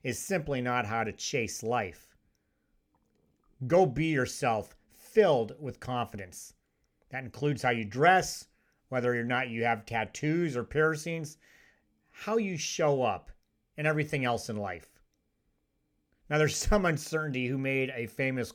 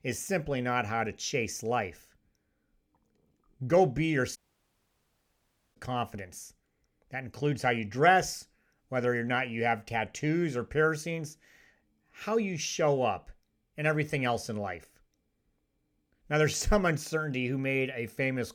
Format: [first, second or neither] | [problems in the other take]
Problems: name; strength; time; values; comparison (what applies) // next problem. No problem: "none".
first | audio cutting out; at 4.5 s for 1.5 s